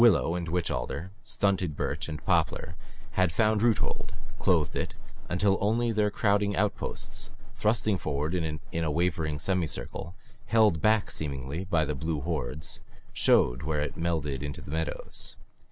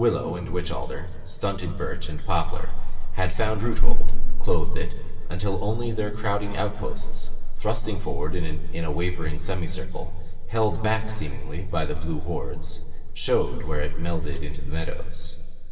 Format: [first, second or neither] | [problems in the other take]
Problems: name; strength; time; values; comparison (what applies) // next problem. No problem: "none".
first | room echo; dies away in 2.9 s